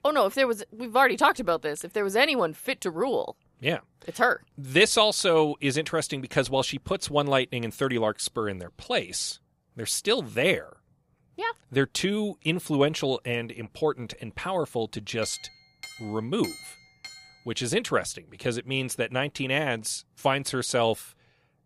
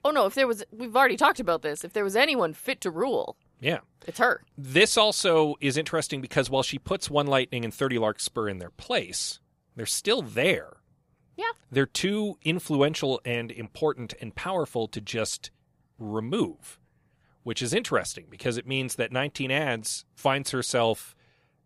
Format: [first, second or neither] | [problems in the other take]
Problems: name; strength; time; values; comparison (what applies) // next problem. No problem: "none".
second | clattering dishes; faint; from 15 to 17 s; peak 15 dB below the speech